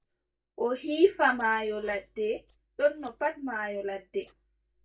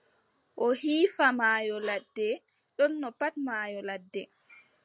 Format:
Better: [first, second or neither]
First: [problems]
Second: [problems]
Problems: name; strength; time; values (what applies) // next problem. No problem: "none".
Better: second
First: noise reduction (neural mask model DeepFilterNet 3)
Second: none